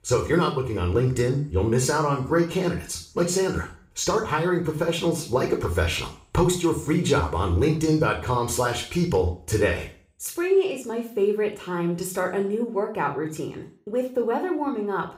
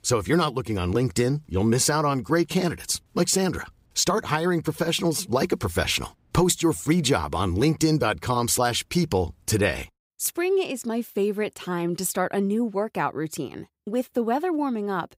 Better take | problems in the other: second | room echo; slight; dies away in 0.4 s // off-mic speech; somewhat distant

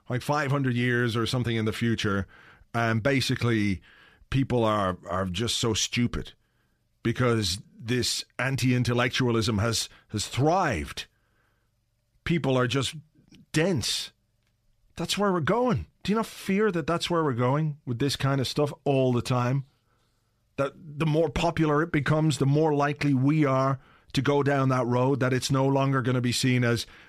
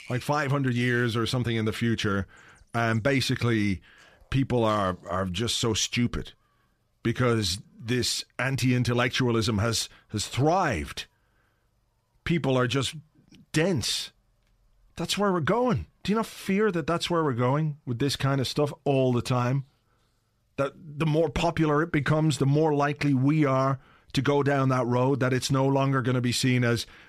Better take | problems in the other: first | animal sounds; faint; throughout; 25 dB below the speech

